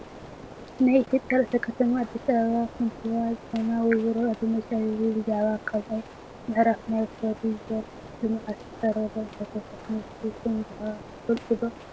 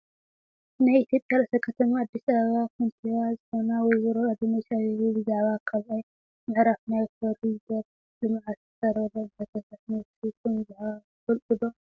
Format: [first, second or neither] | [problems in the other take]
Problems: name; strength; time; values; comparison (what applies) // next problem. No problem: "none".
second | background sound (Rain); 16 dB below the speech